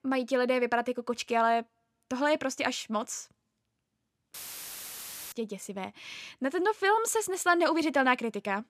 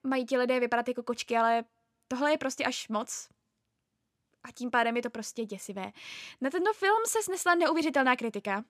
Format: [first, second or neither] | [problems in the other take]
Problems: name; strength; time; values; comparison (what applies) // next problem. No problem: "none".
second | audio cutting out; filled with static; at 4.5 s for 1 s